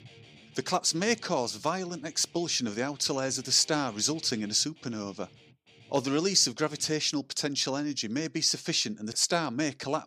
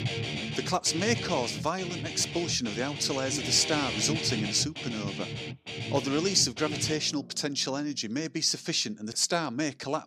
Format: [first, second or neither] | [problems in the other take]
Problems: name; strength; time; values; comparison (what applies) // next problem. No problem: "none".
first | background music; loud; throughout; 6 dB below the speech; faint in the first